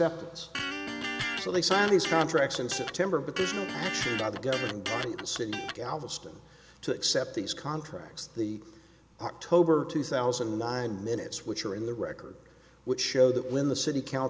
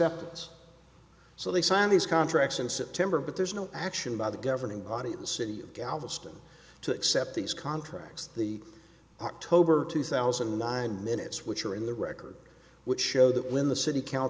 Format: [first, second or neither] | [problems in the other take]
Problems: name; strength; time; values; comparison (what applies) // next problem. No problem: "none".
second | background sound (Electric guitar); 6 dB below the speech